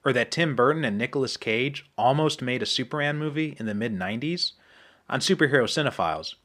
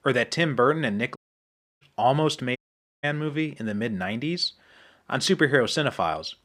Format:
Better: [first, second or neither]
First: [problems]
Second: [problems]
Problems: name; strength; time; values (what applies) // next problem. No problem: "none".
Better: first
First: none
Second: audio cutting out; at 1 s for 0.5 s and at 2.5 s